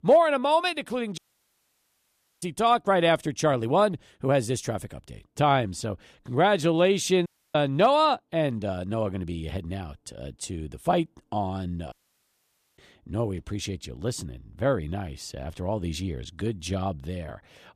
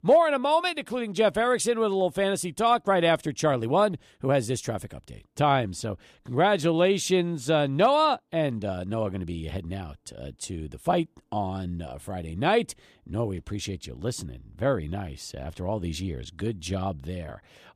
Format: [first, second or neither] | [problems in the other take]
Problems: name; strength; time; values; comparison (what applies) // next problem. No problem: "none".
second | audio cutting out; at 1 s for 1 s, at 7.5 s and at 12 s for 1 s